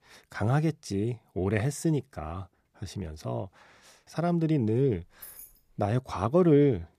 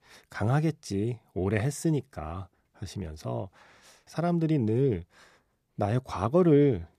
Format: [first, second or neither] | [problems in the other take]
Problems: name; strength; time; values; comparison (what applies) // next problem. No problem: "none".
second | jangling keys; faint; at 5 s; peak 15 dB below the speech